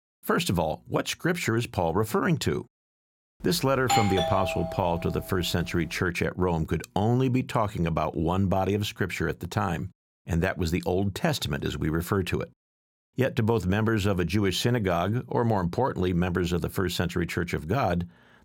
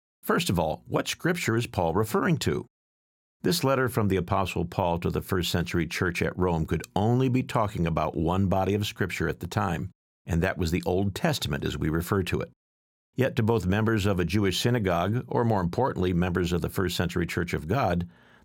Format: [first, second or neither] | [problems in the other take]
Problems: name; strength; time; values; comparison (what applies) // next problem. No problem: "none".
second | doorbell; loud; from 4 to 5 s; peak 2 dB above the speech